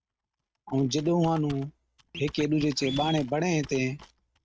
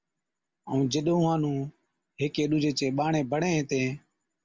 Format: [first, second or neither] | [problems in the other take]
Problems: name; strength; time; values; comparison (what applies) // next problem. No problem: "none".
second | noise reduction (neural mask model RNNoise)